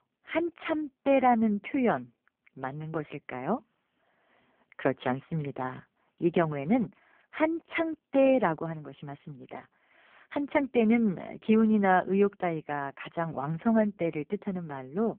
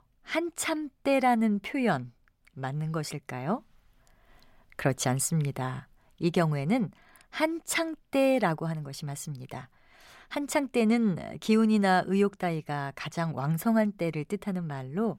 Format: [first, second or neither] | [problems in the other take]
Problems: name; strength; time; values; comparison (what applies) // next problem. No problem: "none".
second | phone-call audio; poor line